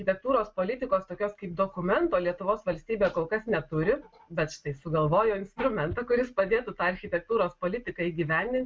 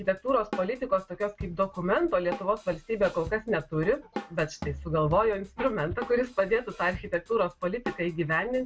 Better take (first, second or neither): first